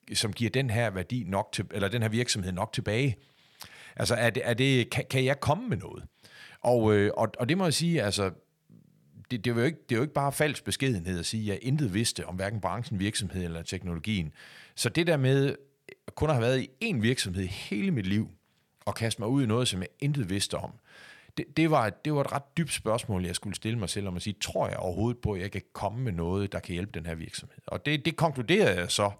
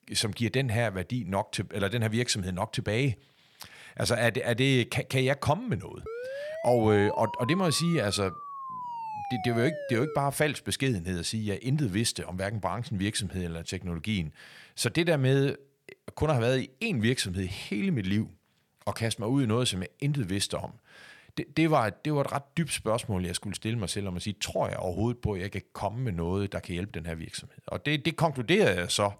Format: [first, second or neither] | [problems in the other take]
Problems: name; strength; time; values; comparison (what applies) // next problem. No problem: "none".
first | siren; noticeable; from 6 to 10 s; peak 7 dB below the speech